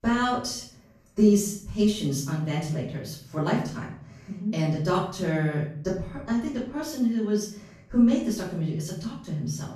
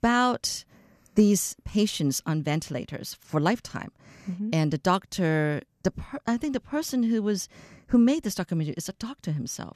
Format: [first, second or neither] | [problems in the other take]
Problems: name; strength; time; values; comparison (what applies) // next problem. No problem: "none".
second | off-mic speech; far // room echo; noticeable; dies away in 0.6 s